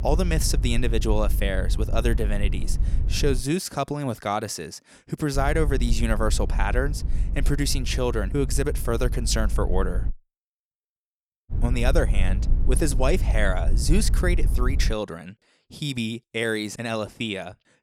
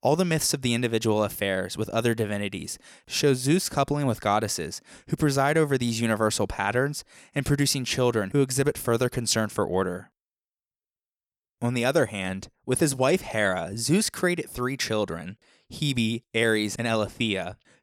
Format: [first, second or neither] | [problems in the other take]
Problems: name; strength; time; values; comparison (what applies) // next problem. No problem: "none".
second | low rumble; noticeable; until 3.5 s, from 5.5 to 10 s and from 12 to 15 s; 15 dB below the speech